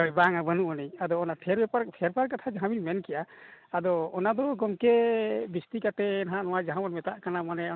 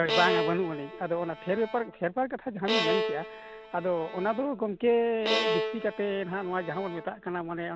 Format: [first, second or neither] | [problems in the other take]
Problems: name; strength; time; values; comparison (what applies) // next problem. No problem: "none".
first | background sound (Bowed string instrument); 4 dB below the speech